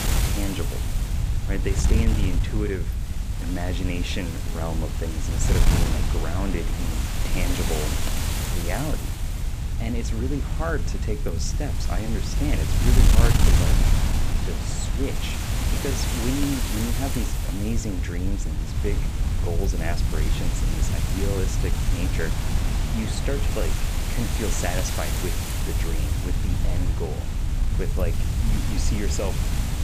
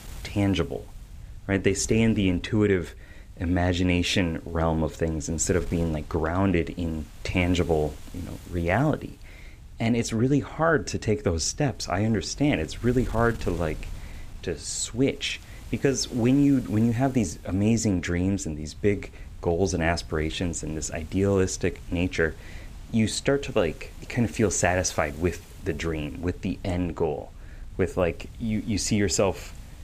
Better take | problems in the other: second | wind noise on the microphone; heavy; as loud as the speech; occasional gusts in the second

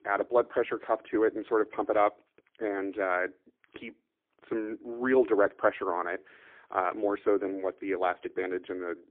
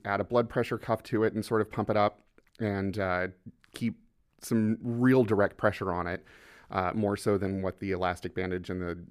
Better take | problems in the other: second | phone-call audio; poor line

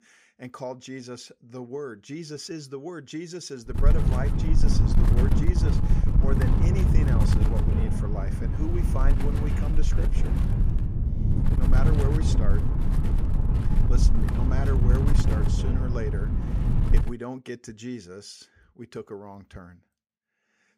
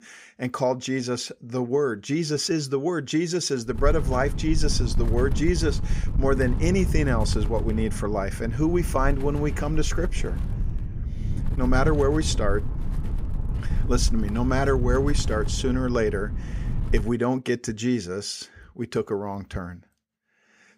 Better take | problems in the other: second | wind noise on the microphone; heavy; from 4 to 17 s; 1 dB above the speech; occasional gusts in the second

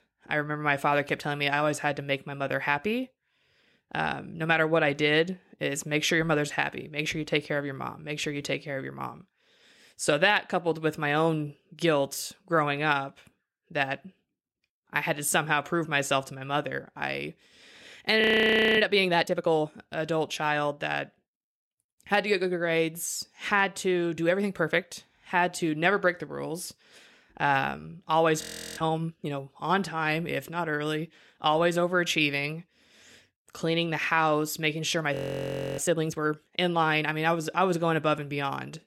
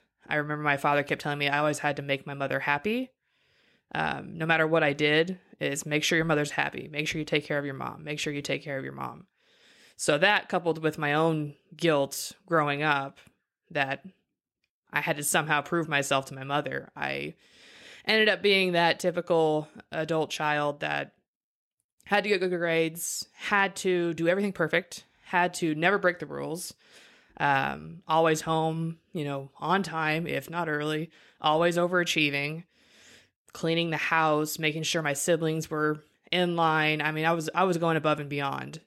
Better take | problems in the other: second | audio freezing; at 18 s for 0.5 s, at 28 s and at 35 s for 0.5 s

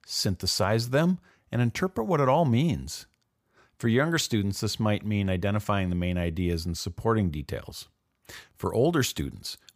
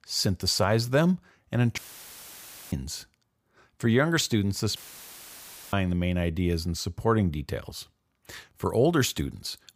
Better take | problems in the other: first | audio cutting out; filled with static; at 2 s for 1 s and at 5 s for 1 s

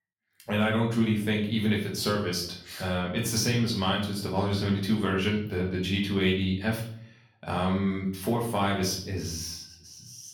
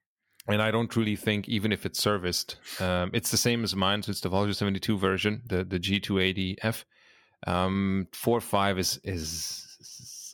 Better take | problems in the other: second | room echo; slight; dies away in 0.5 s // off-mic speech; far

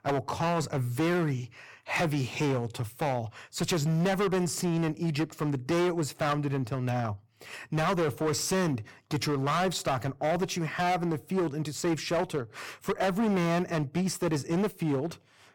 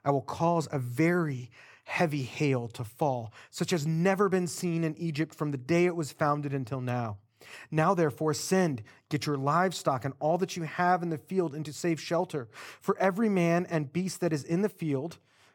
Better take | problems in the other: second | distortion; heavy; 15% of the sound clipped

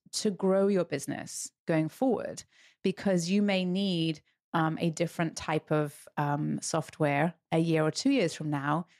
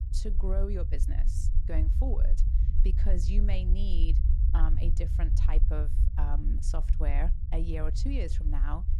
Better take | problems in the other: first | low rumble; loud; throughout; 7 dB below the speech

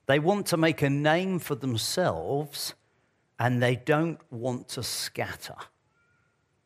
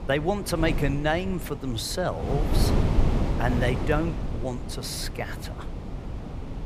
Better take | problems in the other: first | wind noise on the microphone; heavy; 7 dB below the speech

